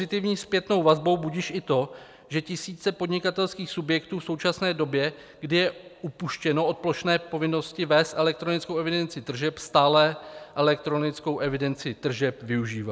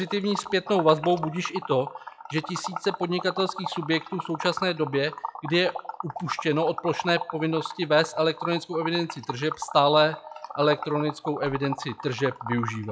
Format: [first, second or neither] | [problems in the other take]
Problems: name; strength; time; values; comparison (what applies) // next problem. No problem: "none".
first | noise reduction (classical method log-MMSE)